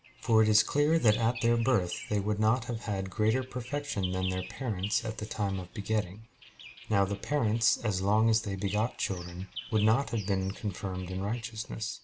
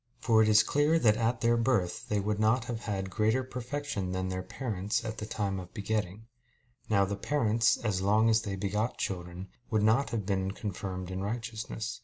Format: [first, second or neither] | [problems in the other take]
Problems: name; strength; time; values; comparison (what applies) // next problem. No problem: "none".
second | background sound (Bird vocalization, bird call, bird song); 18 dB below the speech